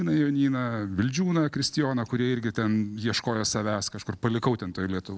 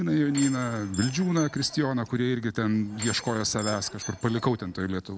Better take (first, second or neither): first